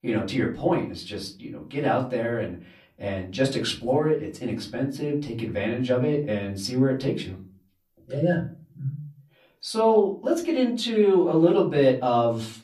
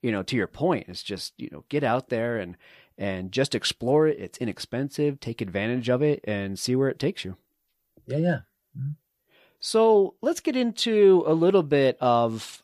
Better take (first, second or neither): second